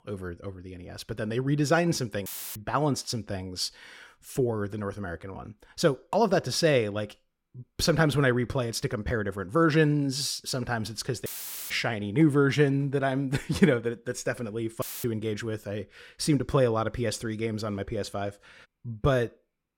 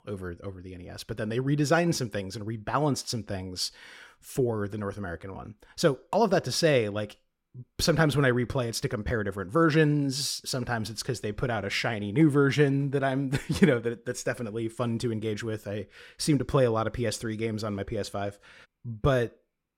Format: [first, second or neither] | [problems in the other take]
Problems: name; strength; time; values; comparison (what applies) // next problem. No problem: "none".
second | audio cutting out; filled with static; at 2.5 s, at 11 s and at 15 s